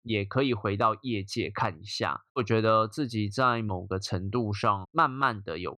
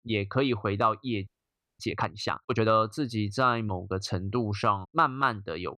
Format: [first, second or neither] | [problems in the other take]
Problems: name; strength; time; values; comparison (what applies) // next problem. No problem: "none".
first | audio freezing; at 1.5 s for 0.5 s